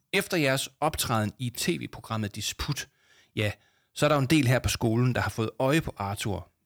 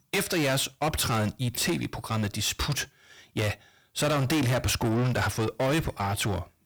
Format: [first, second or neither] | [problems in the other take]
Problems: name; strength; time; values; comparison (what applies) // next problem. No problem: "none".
first | distortion; heavy; 6 dB below the speech